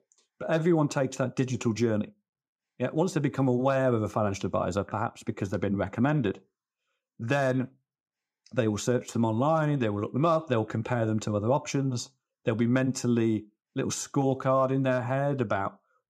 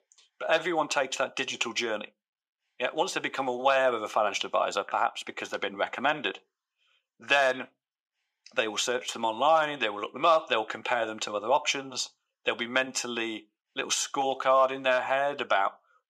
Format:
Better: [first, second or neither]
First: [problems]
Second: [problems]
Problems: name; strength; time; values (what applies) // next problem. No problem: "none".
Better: first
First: none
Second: thin; very; fading below 550 Hz